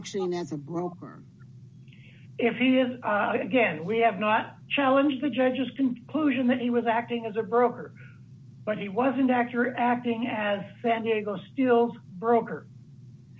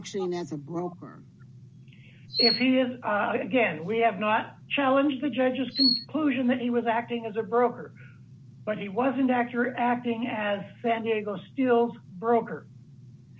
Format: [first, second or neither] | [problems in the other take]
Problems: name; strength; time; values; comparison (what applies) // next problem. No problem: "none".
first | background sound (Chirp, tweet); 4 dB below the speech